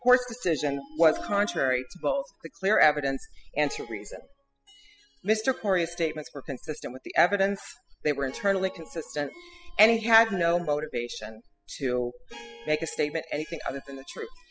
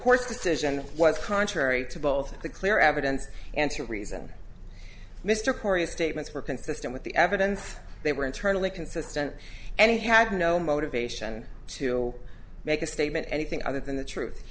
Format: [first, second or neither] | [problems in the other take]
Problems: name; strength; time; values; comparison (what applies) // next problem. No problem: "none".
second | noise reduction (classical method spectral subtraction)